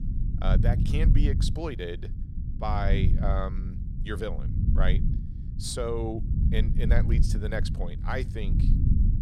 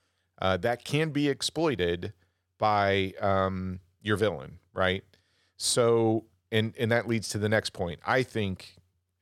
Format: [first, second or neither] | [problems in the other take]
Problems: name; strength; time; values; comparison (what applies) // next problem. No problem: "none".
second | low rumble; loud; throughout; 7 dB below the speech